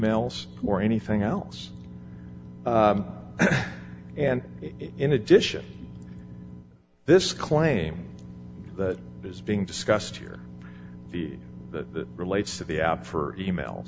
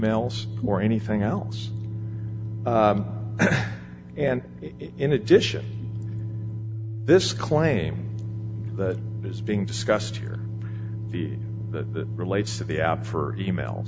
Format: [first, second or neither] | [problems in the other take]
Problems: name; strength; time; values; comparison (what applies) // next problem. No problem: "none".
first | background sound (Organ); 5 dB below the speech